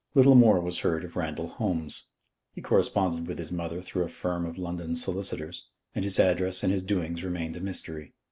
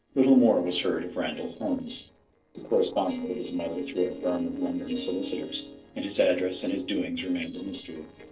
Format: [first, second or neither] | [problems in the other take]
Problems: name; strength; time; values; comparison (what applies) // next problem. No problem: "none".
first | noise reduction (neural separator model SepFormer DNS4)